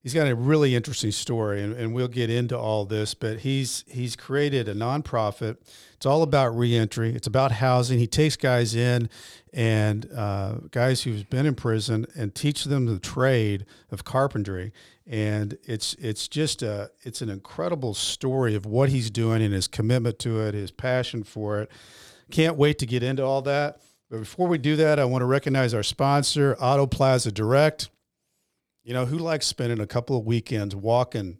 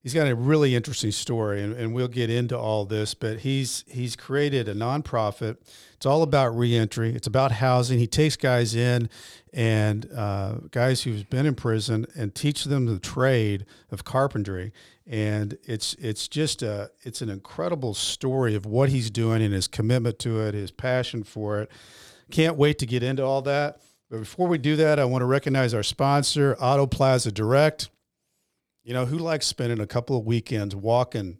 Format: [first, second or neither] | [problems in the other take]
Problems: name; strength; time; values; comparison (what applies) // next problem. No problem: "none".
neither | none